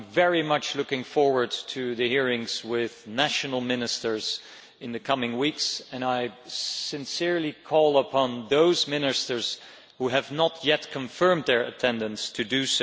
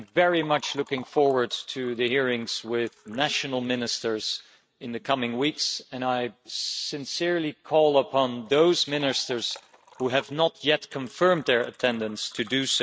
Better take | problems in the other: first | noise reduction (neural mask model RNNoise)

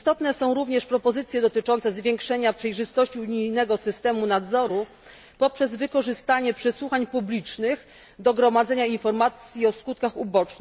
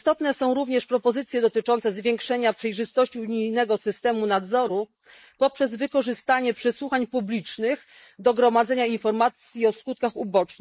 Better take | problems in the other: first | noise reduction (neural mask model Resemble Enhance denoiser)

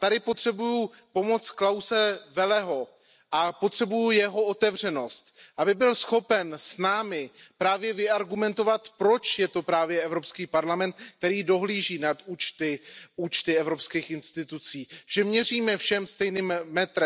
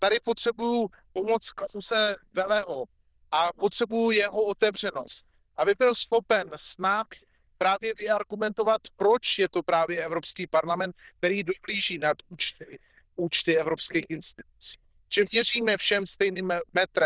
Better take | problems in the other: first | noise reduction (neural diffusion model UNIVERSE++)

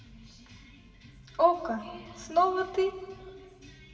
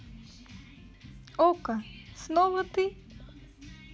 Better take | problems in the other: second | room echo; dies away in 2.7 s

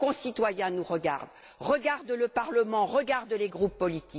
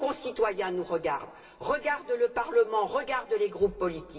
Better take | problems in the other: first | room echo; dies away in 2.8 s

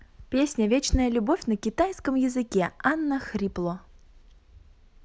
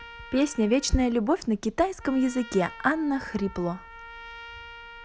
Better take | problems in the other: first | background sound (Trumpet); 18 dB below the speech

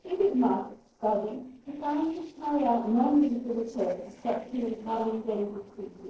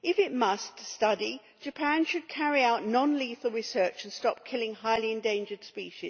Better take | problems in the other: second | noise reduction (neural separator model SepFormer DNS4)

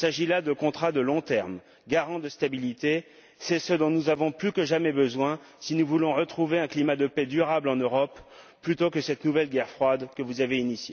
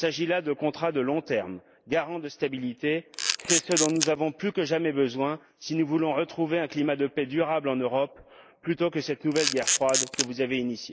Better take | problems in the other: first | noise reduction (neural mask model Resemble Enhance denoiser)

